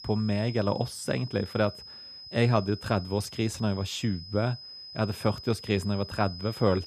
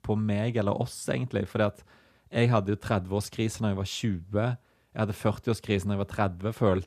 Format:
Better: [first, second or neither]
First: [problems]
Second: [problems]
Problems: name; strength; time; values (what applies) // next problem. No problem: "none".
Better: second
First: high-pitched whine; noticeable; throughout; 5 kHz, 15 dB below the speech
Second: none